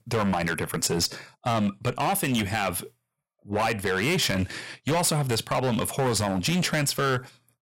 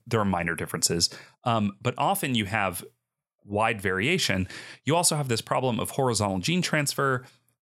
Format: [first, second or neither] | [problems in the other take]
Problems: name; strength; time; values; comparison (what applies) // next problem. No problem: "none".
second | distortion; heavy; 15% of the sound clipped